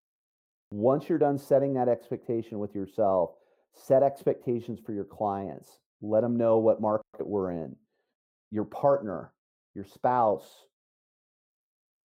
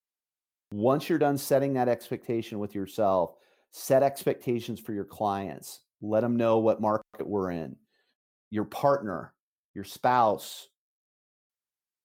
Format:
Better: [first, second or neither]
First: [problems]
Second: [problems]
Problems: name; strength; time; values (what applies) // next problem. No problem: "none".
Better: second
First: muffled; very; fading above 1.5 kHz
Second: none